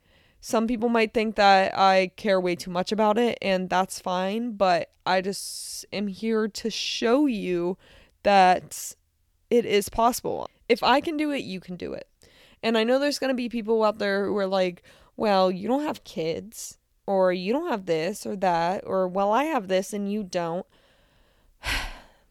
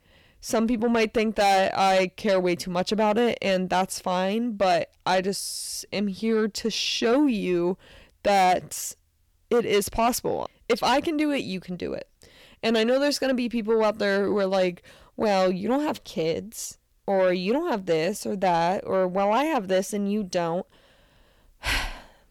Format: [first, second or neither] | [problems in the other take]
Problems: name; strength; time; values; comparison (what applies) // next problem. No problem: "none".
first | distortion; slight; 10 dB below the speech